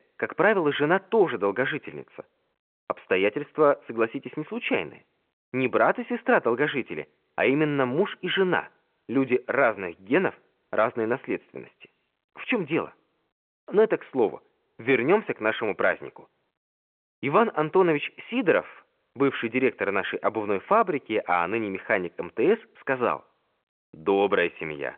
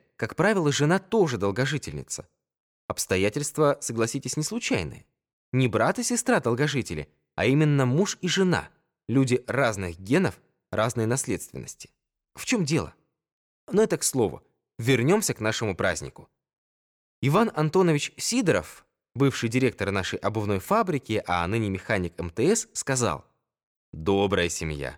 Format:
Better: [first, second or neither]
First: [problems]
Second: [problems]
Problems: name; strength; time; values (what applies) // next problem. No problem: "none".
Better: second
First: phone-call audio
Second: none